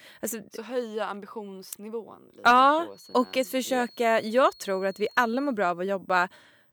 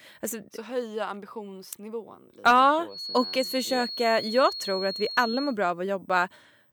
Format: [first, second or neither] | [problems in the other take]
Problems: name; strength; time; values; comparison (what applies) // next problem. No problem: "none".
first | high-pitched whine; loud; from 3 to 5.5 s; 4.5 kHz, 7 dB below the speech; faint in the first